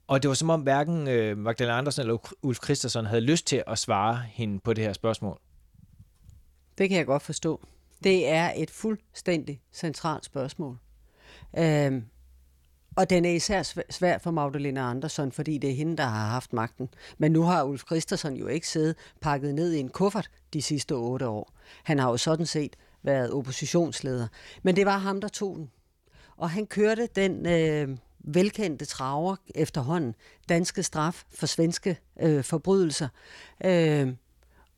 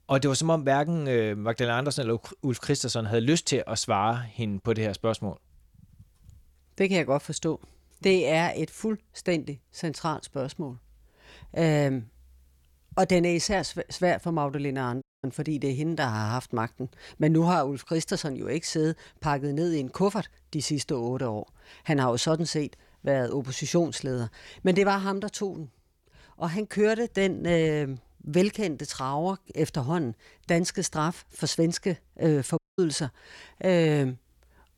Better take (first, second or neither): first